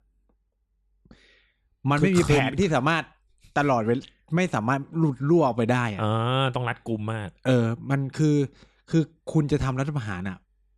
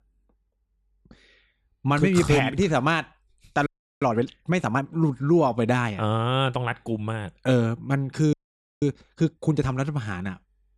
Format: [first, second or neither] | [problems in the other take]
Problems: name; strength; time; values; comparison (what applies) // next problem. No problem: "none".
first | audio freezing; at 3.5 s and at 8.5 s